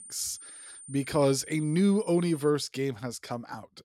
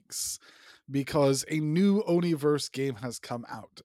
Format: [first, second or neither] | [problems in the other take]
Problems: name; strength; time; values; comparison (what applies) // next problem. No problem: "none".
second | high-pitched whine; noticeable; until 2.5 s; 9 kHz, 15 dB below the speech